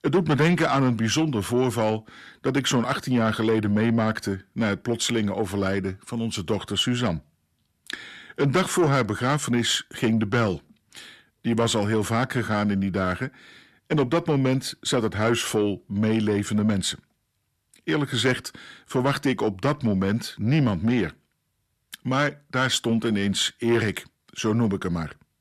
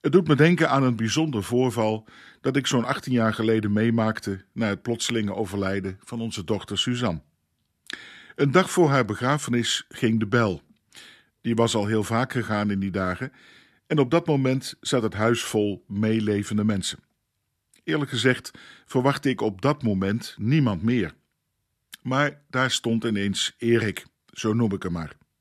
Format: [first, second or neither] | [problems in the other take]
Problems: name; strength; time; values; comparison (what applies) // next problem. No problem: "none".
second | distortion; slight; 10 dB below the speech